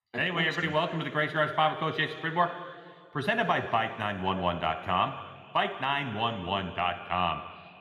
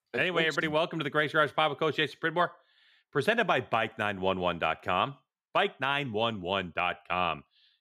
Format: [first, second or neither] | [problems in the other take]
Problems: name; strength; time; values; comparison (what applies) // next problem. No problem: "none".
second | room echo; slight; dies away in 2.1 s